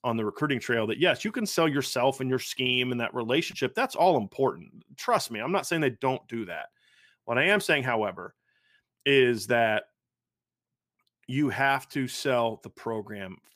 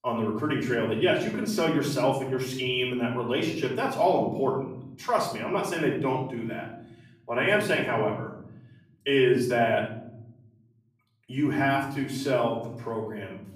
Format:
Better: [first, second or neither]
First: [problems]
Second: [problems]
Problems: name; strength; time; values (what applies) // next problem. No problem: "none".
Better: first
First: none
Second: off-mic speech; far // room echo; noticeable; dies away in 1.3 s